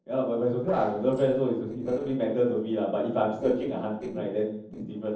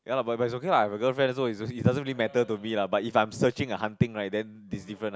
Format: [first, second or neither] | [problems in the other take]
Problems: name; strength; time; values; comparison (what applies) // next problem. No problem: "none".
second | noise reduction (neural separator model SepFormer DNS4)